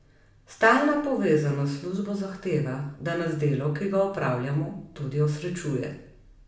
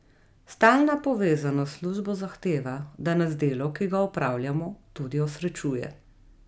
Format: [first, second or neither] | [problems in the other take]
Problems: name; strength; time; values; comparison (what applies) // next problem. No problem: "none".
second | room echo; dies away in 0.6 s